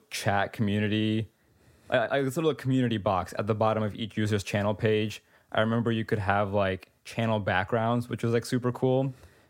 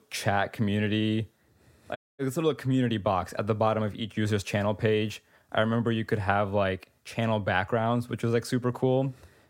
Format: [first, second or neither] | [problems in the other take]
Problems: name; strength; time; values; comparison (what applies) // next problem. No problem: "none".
first | audio cutting out; at 2 s